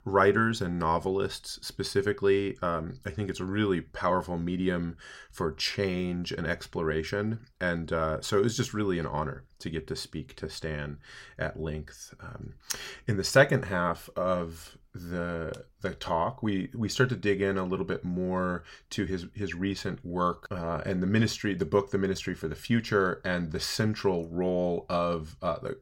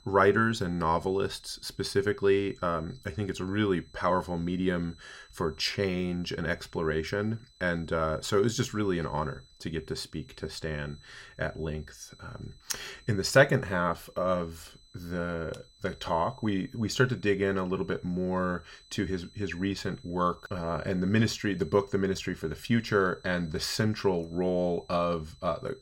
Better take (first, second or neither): first